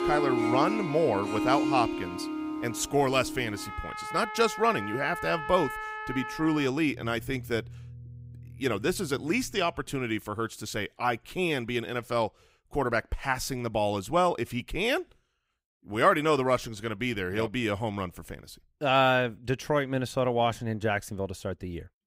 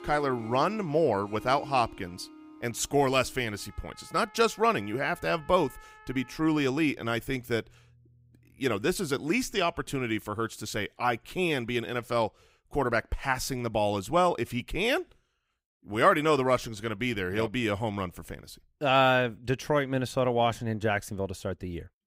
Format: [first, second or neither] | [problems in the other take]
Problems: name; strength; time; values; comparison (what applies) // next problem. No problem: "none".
second | background music; loud; until 9.5 s; 5 dB below the speech; faint in the second